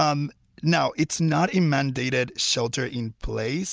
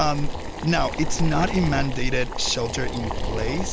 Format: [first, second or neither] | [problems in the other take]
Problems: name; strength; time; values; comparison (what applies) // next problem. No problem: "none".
first | background sound (Boiling); as loud as the speech